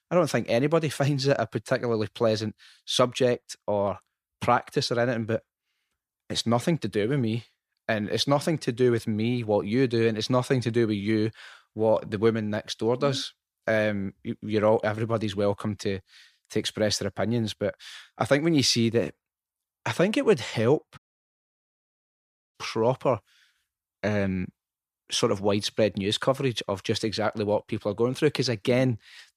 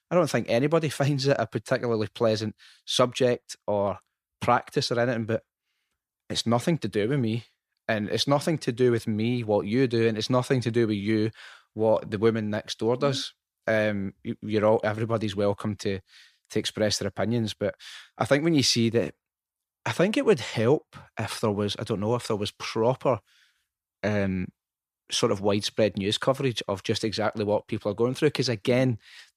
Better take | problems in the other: second | audio cutting out; at 21 s for 1.5 s

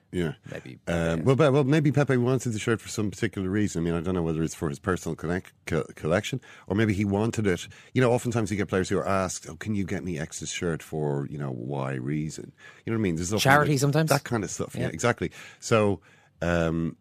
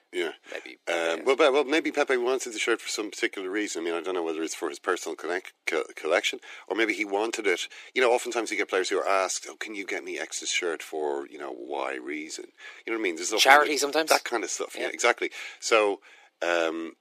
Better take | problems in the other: first | thin; very; fading below 350 Hz

